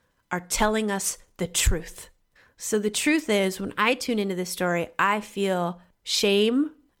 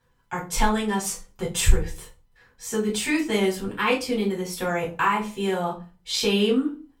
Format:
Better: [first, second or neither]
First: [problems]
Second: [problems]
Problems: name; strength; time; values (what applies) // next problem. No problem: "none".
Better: first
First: none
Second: off-mic speech; far // room echo; slight; dies away in 0.3 s